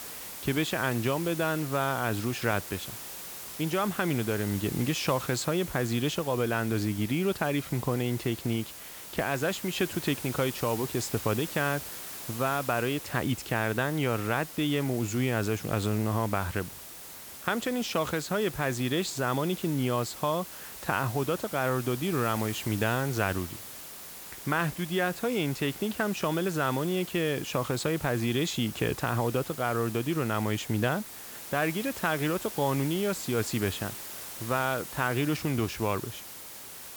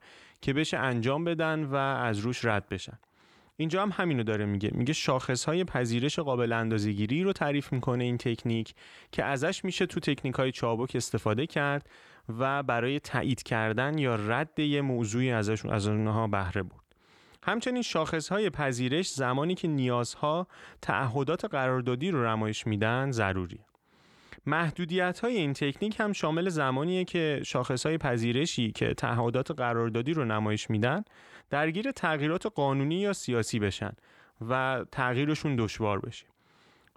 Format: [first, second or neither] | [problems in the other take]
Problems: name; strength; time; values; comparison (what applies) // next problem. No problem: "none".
second | hiss; loud; throughout; 10 dB below the speech